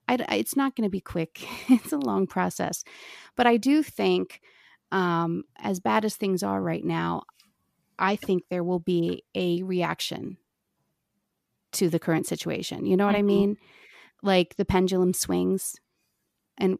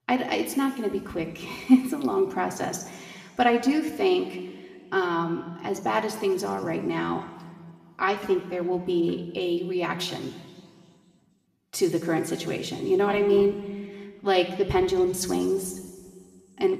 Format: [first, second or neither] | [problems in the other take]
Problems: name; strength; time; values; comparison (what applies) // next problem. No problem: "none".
first | room echo; slight; dies away in 2 s // off-mic speech; somewhat distant